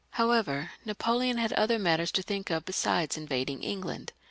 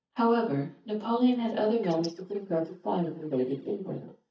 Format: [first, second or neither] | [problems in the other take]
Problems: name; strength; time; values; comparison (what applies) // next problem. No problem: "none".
first | noise reduction (neural mask model DeepFilterNet 3)